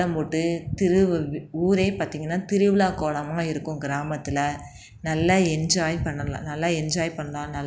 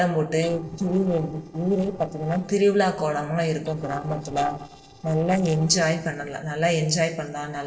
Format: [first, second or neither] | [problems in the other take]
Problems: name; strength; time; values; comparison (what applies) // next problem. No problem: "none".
first | noise reduction (neural separator model SepFormer DNS4)